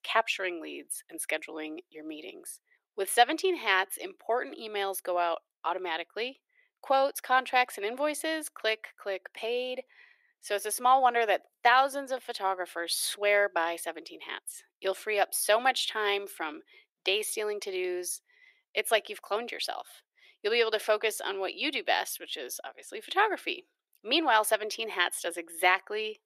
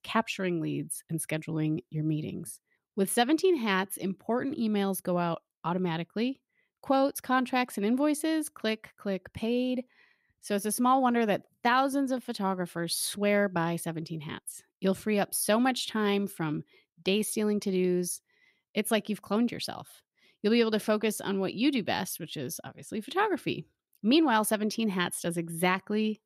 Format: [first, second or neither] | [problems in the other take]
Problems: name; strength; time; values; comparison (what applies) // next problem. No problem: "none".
second | thin; very; fading below 400 Hz